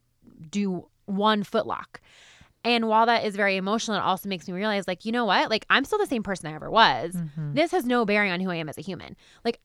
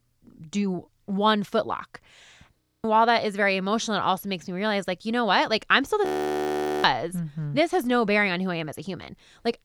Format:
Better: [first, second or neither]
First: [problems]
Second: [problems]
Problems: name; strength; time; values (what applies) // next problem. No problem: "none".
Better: first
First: none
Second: audio freezing; at 2.5 s and at 6 s for 1 s